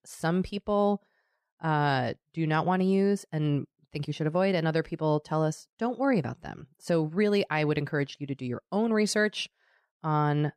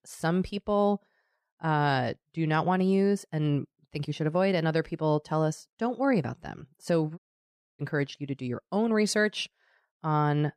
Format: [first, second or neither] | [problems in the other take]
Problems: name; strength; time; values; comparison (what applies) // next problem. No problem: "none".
first | audio cutting out; at 7 s for 0.5 s